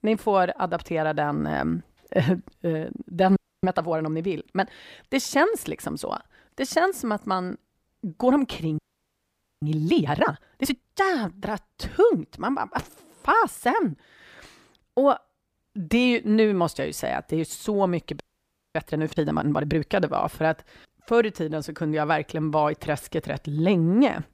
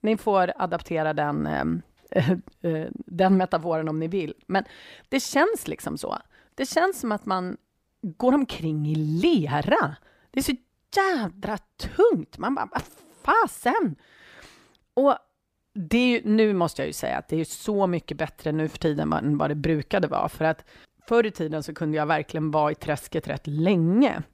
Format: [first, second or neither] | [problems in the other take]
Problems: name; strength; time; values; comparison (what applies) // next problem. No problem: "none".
second | audio freezing; at 3.5 s, at 9 s for 1 s and at 18 s for 0.5 s